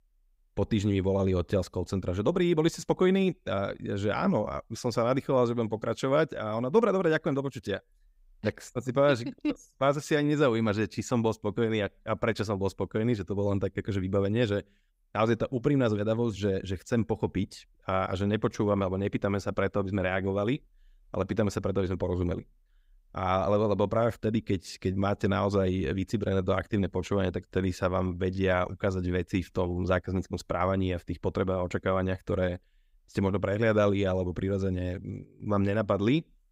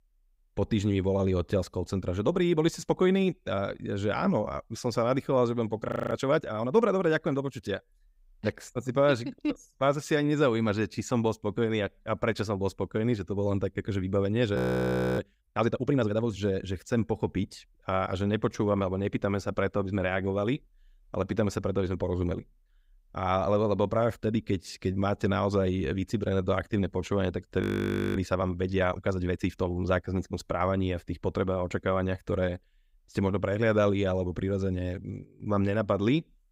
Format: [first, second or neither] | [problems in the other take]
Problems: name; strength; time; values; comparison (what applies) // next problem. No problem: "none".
first | audio freezing; at 6 s, at 15 s for 0.5 s and at 28 s for 0.5 s